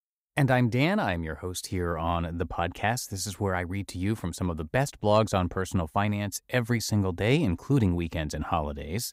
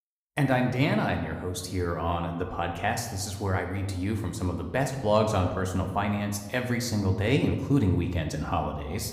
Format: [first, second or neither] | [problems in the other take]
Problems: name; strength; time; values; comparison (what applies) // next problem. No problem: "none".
first | room echo; slight; dies away in 1 s